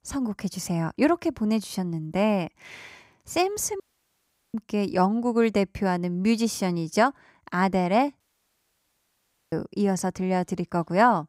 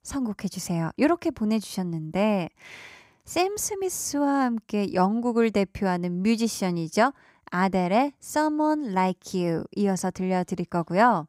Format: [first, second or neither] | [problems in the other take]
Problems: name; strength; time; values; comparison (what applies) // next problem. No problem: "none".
second | audio cutting out; at 4 s for 0.5 s and at 8 s for 1.5 s